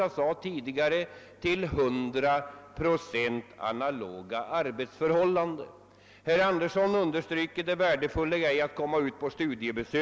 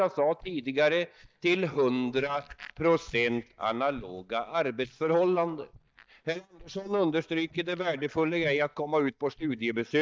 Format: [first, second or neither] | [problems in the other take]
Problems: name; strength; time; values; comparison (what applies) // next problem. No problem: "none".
first | noise reduction (neural mask model DeepFilterNet 3)